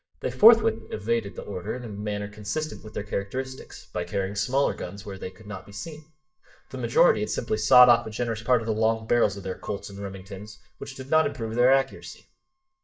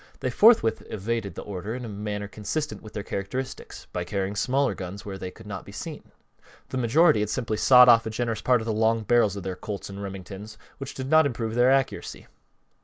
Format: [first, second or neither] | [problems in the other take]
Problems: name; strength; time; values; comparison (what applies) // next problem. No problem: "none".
second | noise reduction (neural mask model DeepFilterNet 3)